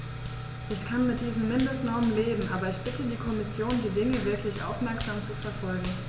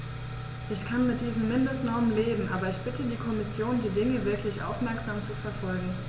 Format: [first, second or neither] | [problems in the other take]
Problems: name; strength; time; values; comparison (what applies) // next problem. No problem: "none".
second | background sound (Hands); 16 dB below the speech